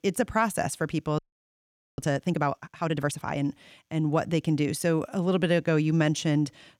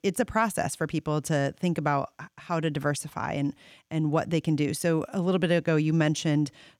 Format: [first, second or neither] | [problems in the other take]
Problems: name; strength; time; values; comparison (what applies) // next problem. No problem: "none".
second | audio freezing; at 1 s for 1 s